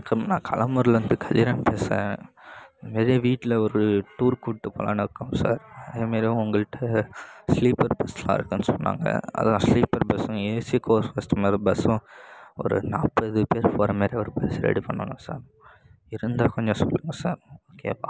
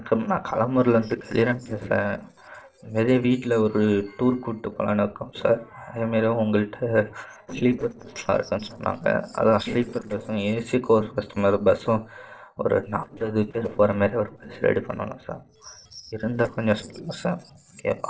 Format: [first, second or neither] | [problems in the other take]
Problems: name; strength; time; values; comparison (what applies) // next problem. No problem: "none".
first | noise reduction (neural separator model SepFormer DNS4)